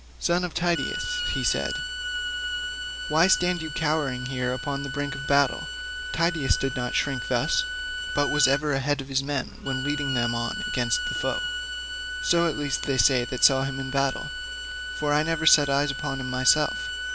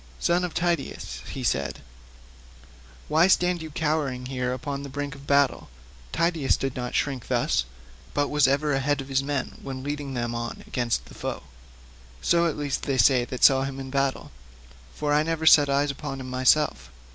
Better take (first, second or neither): second